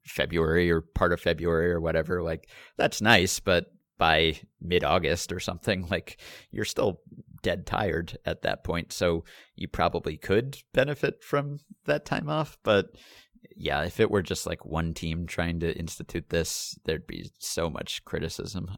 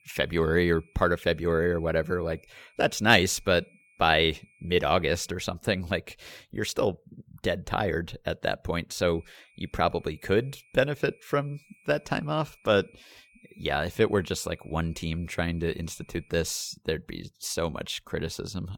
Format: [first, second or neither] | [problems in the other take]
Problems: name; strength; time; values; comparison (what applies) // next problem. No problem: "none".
first | high-pitched whine; faint; until 5.5 s and from 9 to 16 s; 2.5 kHz, 30 dB below the speech